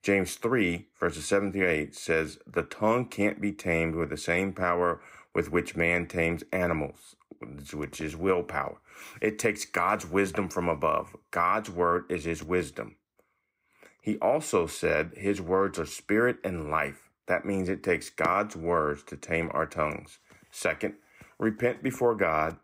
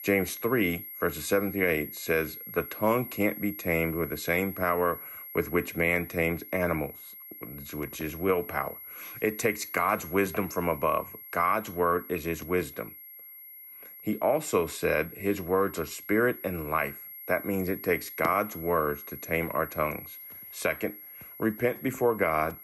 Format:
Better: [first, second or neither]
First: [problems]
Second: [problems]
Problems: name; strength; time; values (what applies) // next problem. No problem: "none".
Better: first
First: none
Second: high-pitched whine; noticeable; throughout; 11.5 kHz, 10 dB below the speech